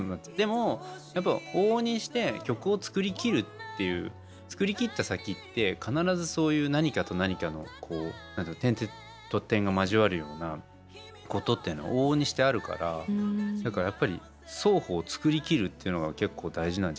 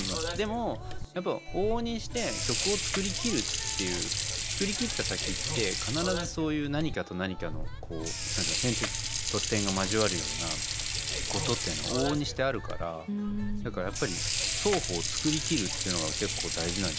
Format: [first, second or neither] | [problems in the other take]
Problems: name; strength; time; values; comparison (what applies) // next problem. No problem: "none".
first | background sound (Sink (filling or washing) / Water); as loud as the speech